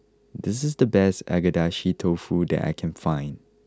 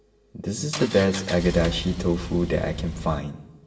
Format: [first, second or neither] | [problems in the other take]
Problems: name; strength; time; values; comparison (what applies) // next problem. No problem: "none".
first | background sound (Engine); 8 dB below the speech // room echo; dies away in 0.8 s